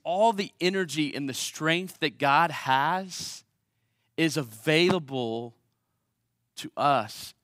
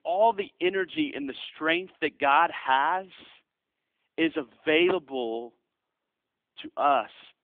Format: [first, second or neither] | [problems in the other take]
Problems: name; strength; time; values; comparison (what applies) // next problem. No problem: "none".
first | phone-call audio; nothing above 3.5 kHz